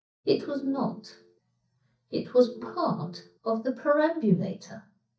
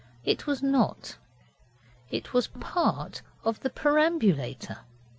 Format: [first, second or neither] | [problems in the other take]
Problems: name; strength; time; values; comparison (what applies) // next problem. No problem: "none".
second | noise reduction (neural mask model DeepFilterNet 3)